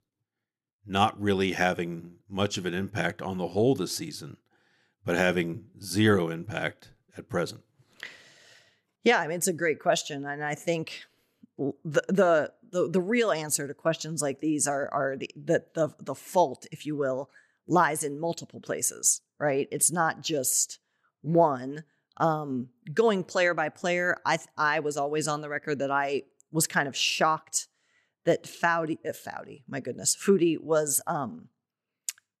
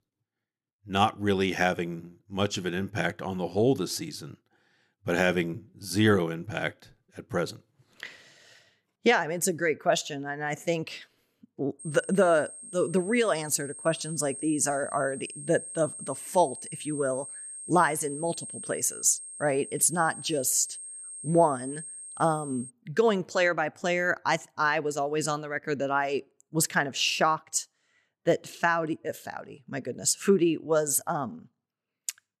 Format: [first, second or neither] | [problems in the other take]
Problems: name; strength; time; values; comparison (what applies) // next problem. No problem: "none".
first | high-pitched whine; noticeable; from 12 to 23 s; 8.5 kHz, 10 dB below the speech